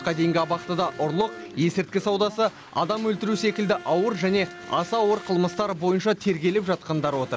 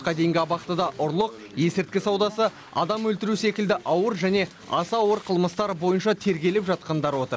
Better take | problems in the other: second | background sound (Bowed string instrument); 19 dB below the speech

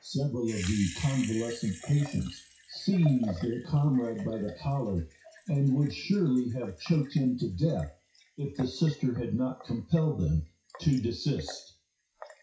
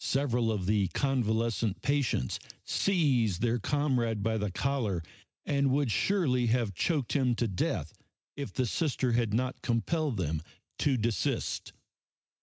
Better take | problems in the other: second | noise reduction (classical method WPE with log-MMSE)

